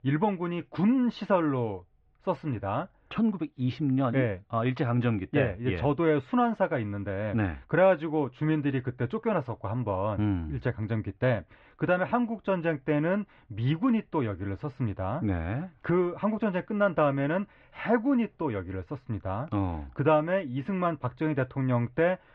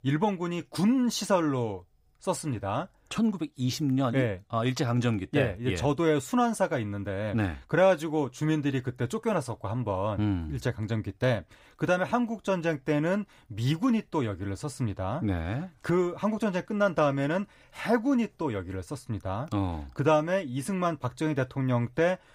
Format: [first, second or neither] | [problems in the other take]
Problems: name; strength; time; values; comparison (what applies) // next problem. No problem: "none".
second | muffled; very; fading above 3 kHz